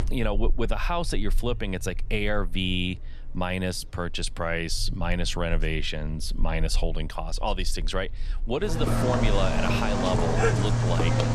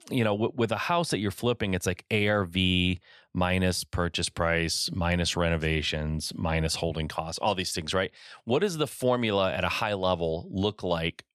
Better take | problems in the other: second | animal sounds; loud; throughout; as loud as the speech

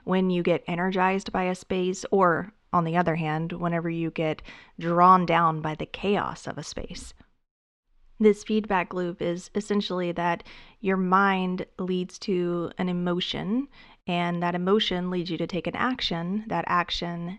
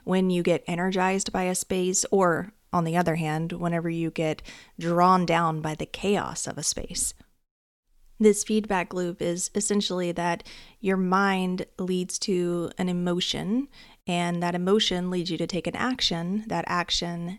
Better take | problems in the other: second | muffled; slightly; fading above 3 kHz

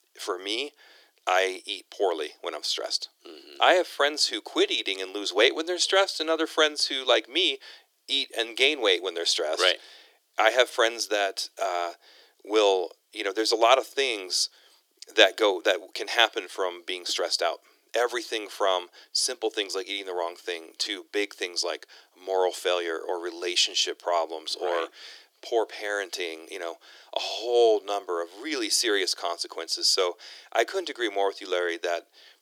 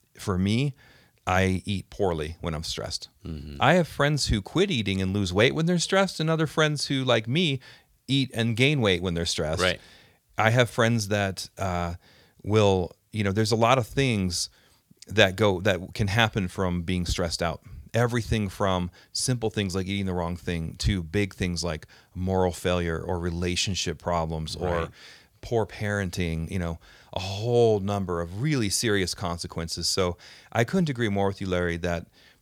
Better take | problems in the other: second | thin; very; fading below 300 Hz

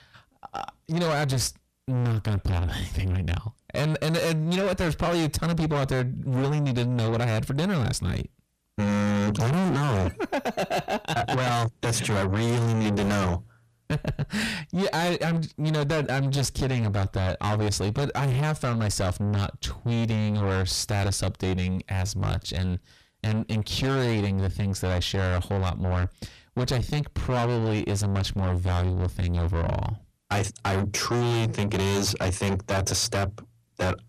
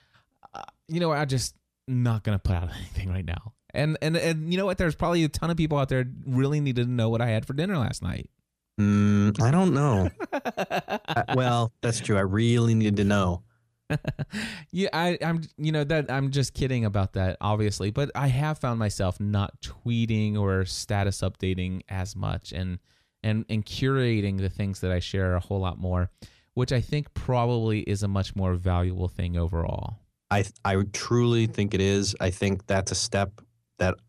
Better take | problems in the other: second | distortion; heavy; 6 dB below the speech

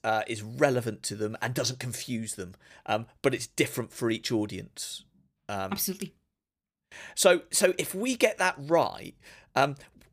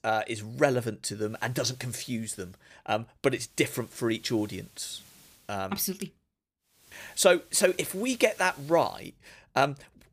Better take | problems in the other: first | hiss; faint; from 1.5 to 2.5 s, from 3.5 to 5.5 s and from 7 to 9 s; 25 dB below the speech

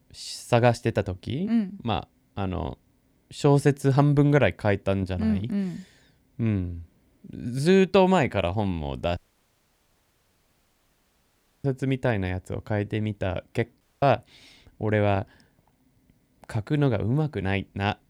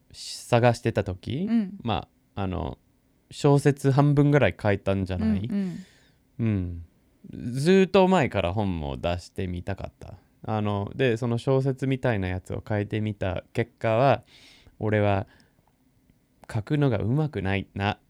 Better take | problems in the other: second | audio cutting out; at 9 s for 2.5 s and at 14 s

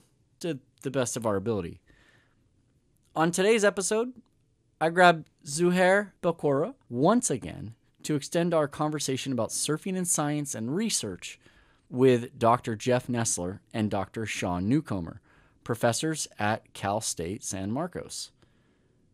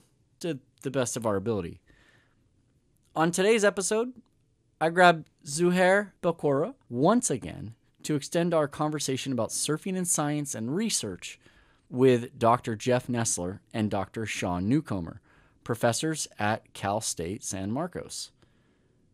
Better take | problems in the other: neither | none

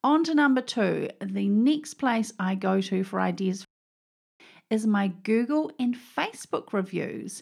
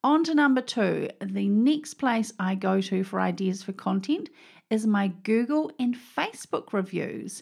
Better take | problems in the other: second | audio cutting out; at 3.5 s for 1 s

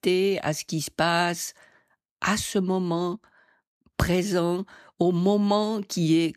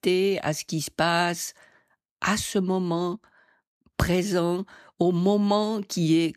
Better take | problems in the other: neither | none

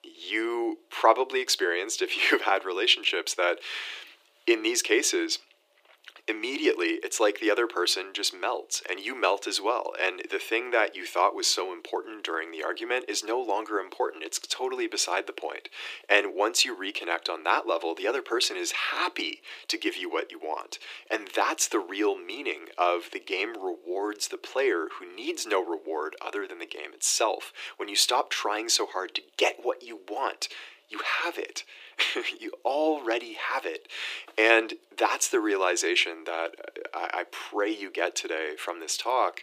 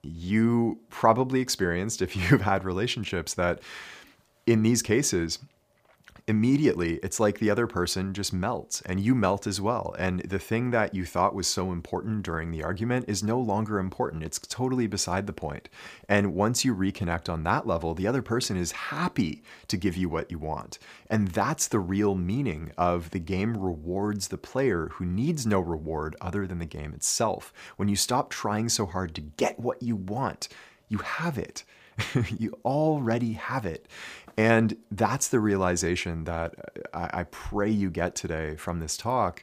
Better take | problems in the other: second | thin; very; fading below 300 Hz

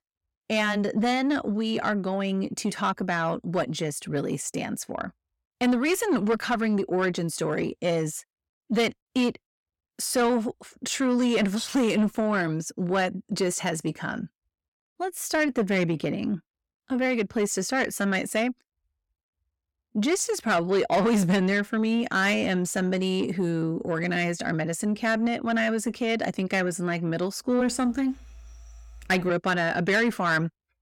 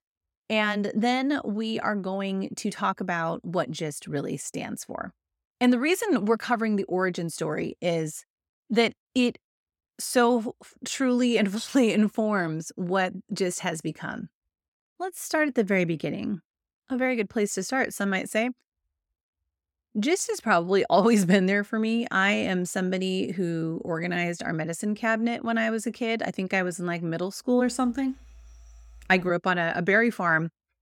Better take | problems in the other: second | distortion; slight; 10 dB below the speech

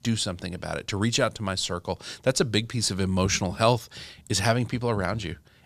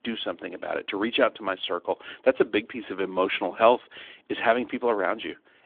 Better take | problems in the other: first | phone-call audio; nothing above 3.5 kHz

